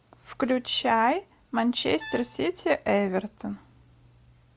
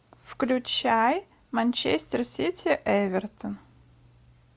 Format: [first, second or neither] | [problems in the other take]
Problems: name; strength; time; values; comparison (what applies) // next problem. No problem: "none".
second | background sound (Brass instrument); 18 dB below the speech